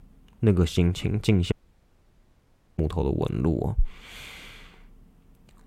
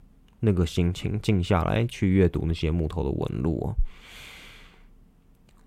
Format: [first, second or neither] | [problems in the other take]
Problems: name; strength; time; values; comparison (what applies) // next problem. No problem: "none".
second | audio cutting out; at 1.5 s for 1.5 s